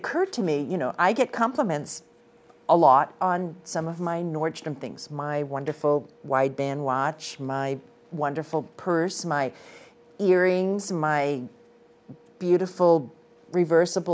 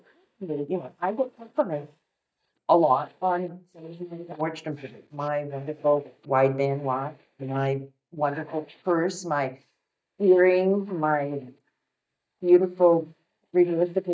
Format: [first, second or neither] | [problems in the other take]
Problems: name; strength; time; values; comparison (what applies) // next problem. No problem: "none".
first | noise reduction (neural mask model DeepFilterNet 3)